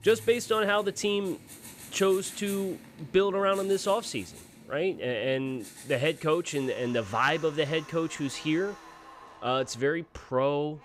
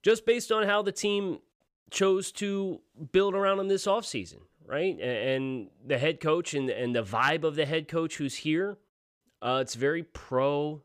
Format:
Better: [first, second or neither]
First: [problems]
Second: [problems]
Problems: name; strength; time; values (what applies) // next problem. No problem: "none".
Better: second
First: household noises; noticeable; throughout; 20 dB below the speech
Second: none